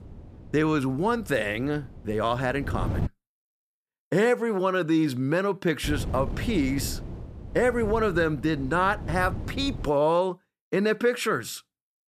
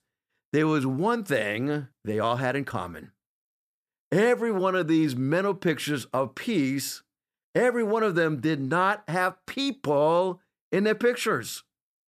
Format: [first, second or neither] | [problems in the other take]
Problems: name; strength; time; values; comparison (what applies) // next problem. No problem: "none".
second | wind noise on the microphone; occasional gusts; until 3 s and from 6 to 10 s; 20 dB below the speech